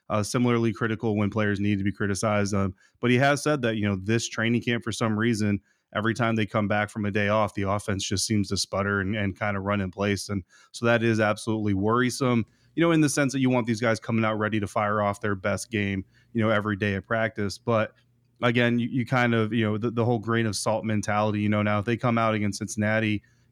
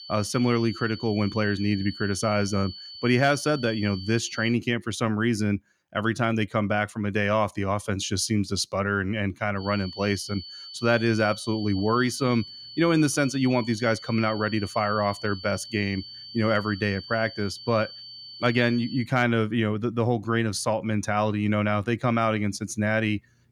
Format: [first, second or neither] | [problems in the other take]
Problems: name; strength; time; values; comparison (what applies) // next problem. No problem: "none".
first | high-pitched whine; noticeable; until 4.5 s and from 9.5 to 19 s; 4.5 kHz, 15 dB below the speech